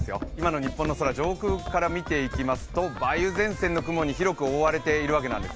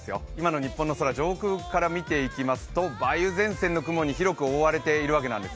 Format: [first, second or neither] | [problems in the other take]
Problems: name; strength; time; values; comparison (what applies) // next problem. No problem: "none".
second | background sound (Run); 10 dB below the speech